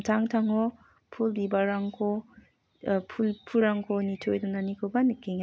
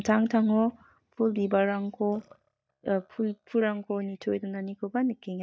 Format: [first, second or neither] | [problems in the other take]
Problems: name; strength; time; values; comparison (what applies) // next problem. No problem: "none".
first | noise reduction (neural mask model DeepFilterNet 3)